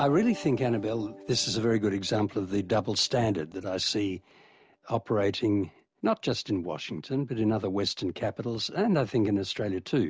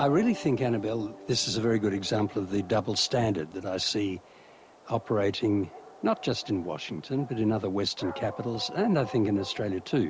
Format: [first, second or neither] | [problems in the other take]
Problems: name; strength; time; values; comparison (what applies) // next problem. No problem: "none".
first | background sound (Dog); 18 dB below the speech